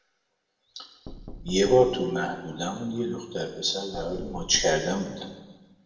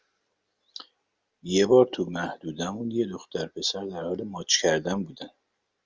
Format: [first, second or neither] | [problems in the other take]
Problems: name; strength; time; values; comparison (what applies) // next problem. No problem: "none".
second | background sound (Knock); 15 dB below the speech // room echo; dies away in 1.1 s